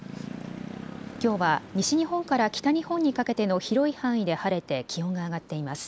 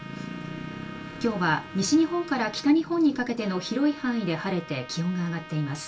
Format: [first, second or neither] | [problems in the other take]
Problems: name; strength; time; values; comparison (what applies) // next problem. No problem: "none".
first | background sound (Trumpet); 18 dB below the speech // room echo; dies away in 0.2 s